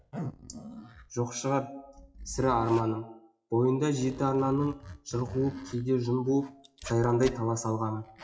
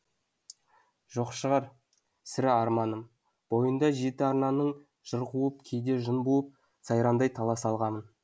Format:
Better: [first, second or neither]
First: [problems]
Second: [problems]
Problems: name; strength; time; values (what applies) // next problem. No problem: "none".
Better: second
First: noise reduction (classical method WPE with log-MMSE)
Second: none